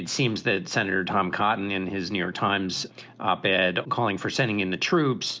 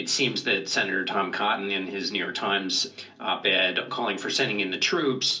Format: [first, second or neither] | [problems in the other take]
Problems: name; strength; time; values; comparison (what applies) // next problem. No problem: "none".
first | room echo; dies away in 0.3 s